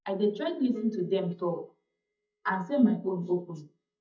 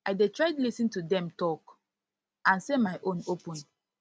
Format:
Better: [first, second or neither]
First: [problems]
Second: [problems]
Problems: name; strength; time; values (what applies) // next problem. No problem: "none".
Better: second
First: noise reduction (neural mask model DeepFilterNet 3)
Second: none